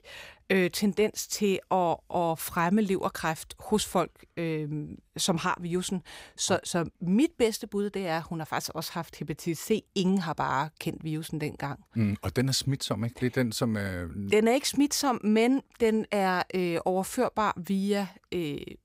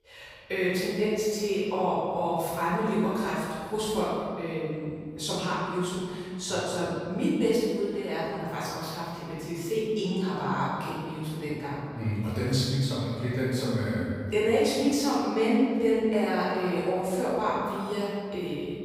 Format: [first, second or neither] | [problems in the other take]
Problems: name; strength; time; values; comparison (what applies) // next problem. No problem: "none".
first | off-mic speech; far // room echo; strong; dies away in 1.8 s